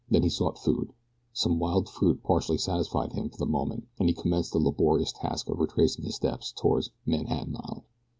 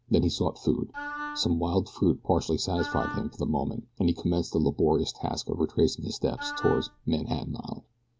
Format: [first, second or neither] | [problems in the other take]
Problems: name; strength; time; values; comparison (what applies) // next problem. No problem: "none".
first | background sound (Wind instrument, woodwind instrument); 10 dB below the speech